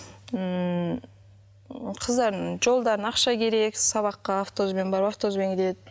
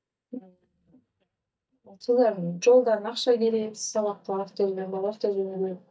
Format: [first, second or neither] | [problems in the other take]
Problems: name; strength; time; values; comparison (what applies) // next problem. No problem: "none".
first | noise reduction (neural mask model DeepFilterNet 3)